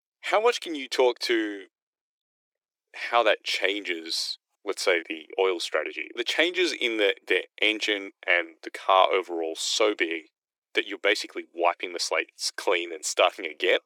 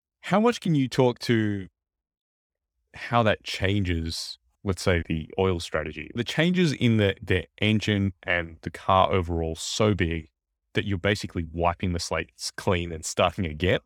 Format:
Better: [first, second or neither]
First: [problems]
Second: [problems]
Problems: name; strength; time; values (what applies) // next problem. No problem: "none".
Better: second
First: thin; very; fading below 350 Hz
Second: none